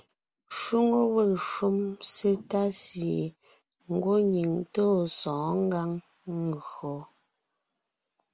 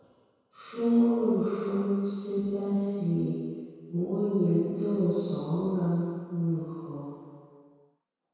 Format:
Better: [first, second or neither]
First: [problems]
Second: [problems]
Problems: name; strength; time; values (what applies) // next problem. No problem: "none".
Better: first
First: none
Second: room echo; dies away in 2 s